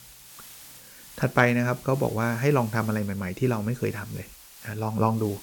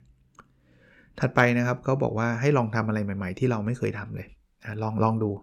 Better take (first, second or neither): second